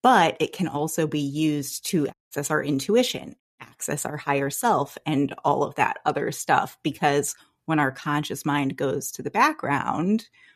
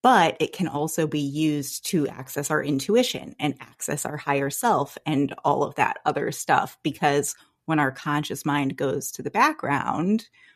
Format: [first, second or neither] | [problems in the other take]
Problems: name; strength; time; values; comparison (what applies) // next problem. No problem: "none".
second | audio cutting out; at 2 s and at 3.5 s